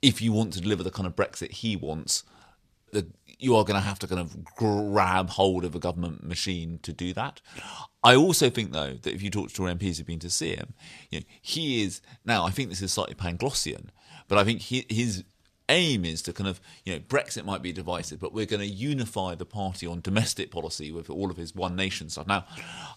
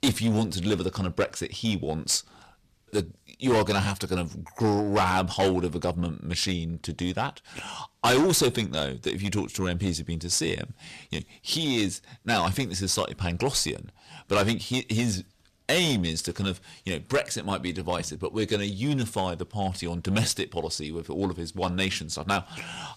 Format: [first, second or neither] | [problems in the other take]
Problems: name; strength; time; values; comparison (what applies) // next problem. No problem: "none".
first | distortion; heavy; 5% of the sound clipped